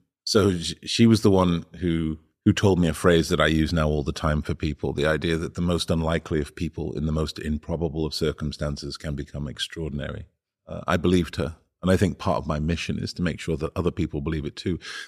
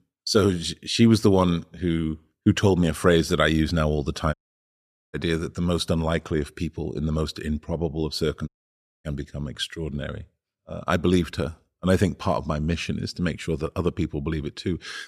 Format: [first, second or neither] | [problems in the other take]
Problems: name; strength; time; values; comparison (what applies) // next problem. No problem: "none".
first | audio cutting out; at 4.5 s for 1 s and at 8.5 s for 0.5 s